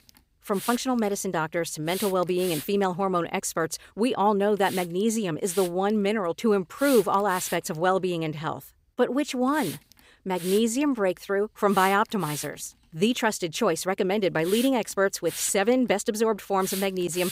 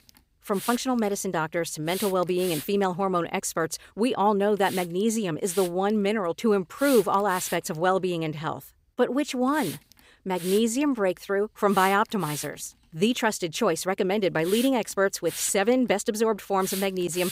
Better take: neither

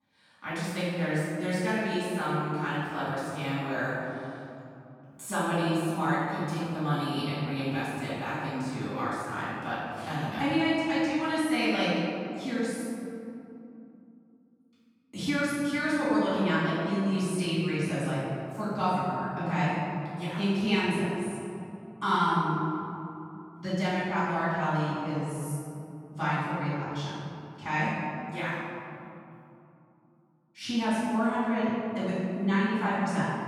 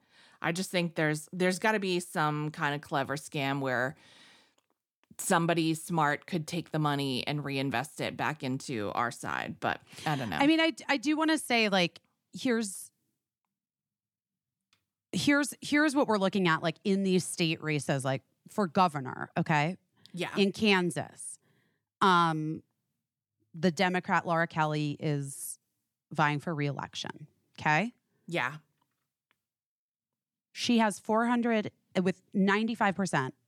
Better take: second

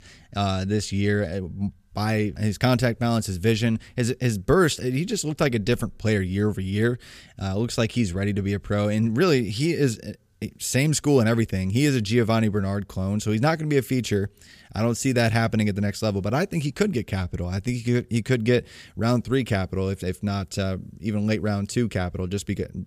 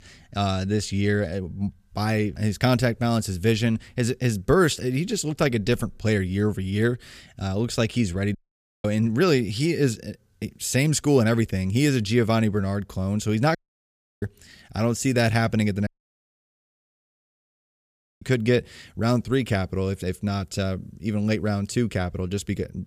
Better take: first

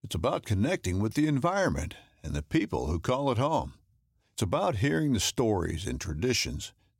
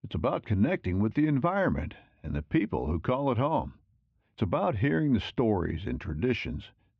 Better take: first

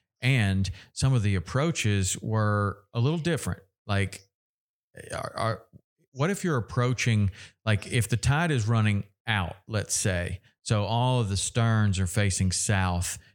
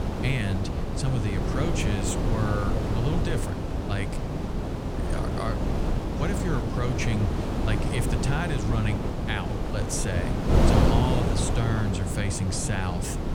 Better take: first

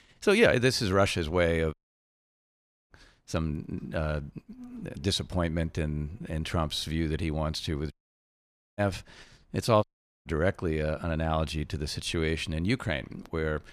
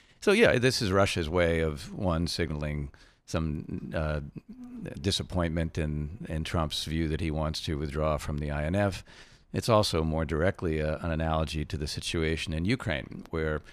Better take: second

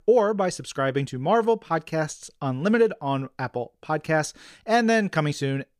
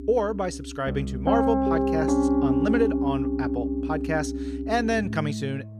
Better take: first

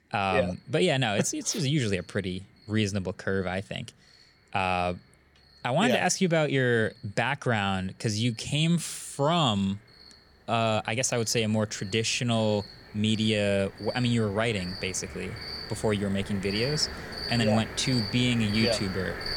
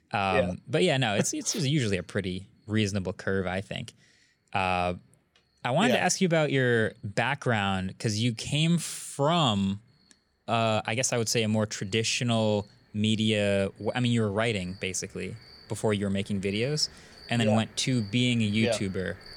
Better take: second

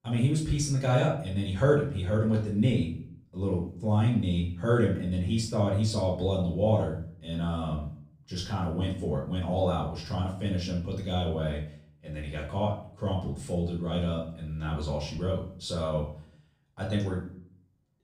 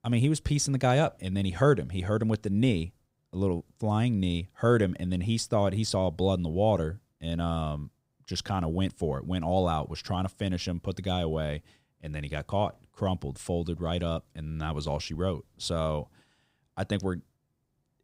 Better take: second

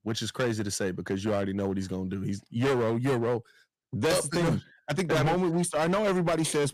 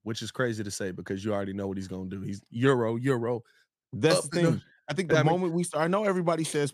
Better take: second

